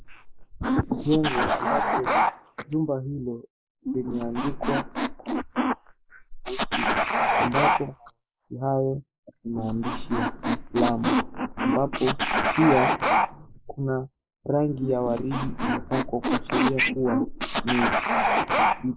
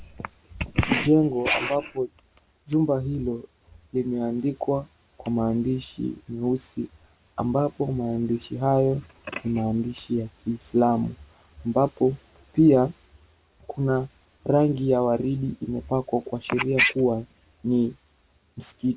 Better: second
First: noise reduction (neural mask model Resemble Enhance denoiser)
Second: none

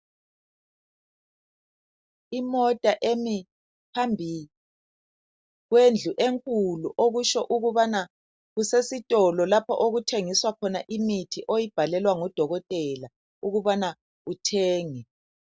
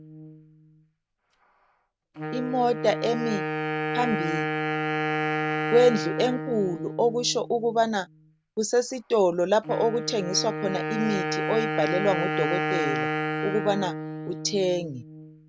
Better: first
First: none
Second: background sound (Wind instrument, woodwind instrument); 4 dB below the speech

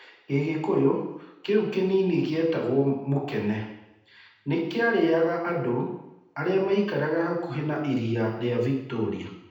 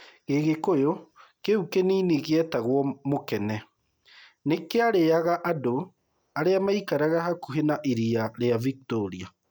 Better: second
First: room echo; dies away in 0.9 s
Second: none

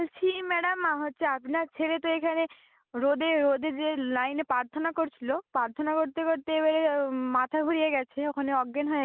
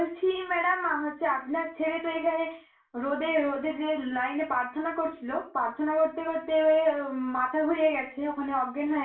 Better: first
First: none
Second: room echo; dies away in 0.3 s

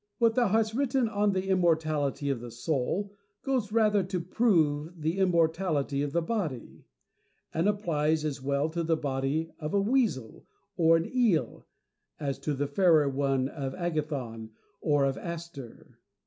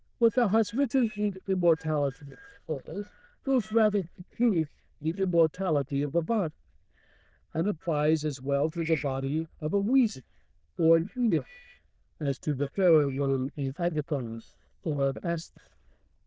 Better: first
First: none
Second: noise reduction (neural diffusion model UNIVERSE++)

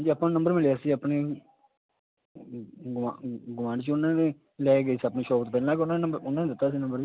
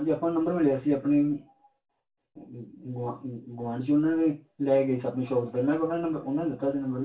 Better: first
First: none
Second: room echo; dies away in 0.2 s

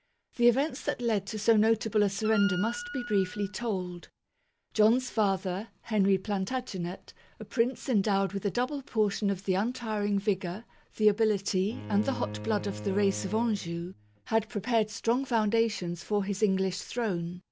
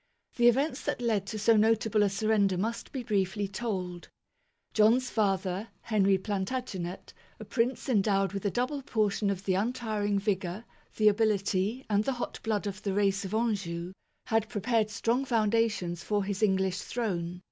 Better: second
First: background sound (Bowed string instrument + Wind instrument, woodwind instrument); 12 dB below the speech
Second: none

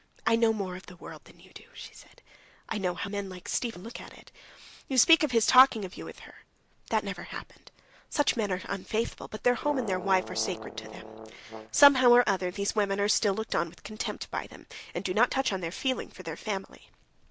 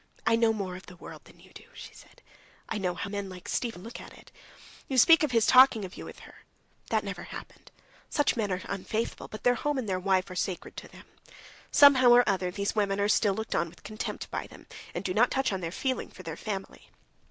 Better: second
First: background sound (Brass instrument); 11 dB below the speech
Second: none

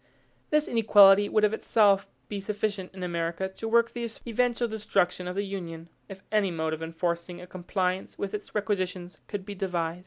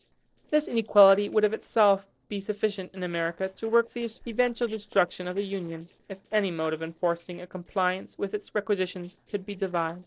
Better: first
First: none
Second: noise reduction (neural separator model SepFormer DNS4)

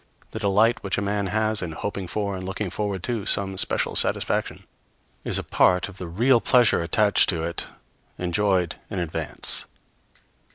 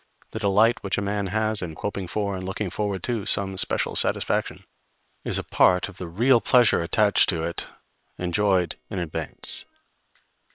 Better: first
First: none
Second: noise reduction (neural separator model SepFormer WHAM!)

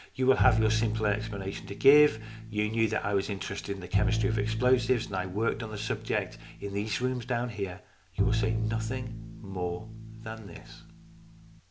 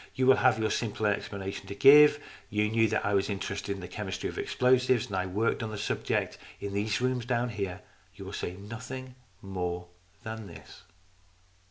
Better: second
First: background sound (Bowed string instrument); 2 dB below the speech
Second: none

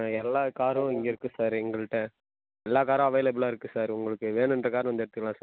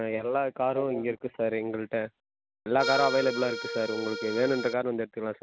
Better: first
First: none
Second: background sound (Accordion); 4 dB below the speech

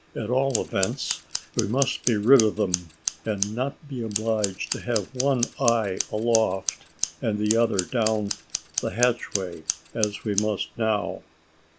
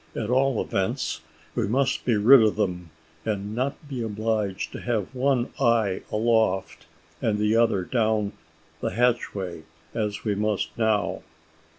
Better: second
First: background sound (Scissors); 7 dB below the speech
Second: none

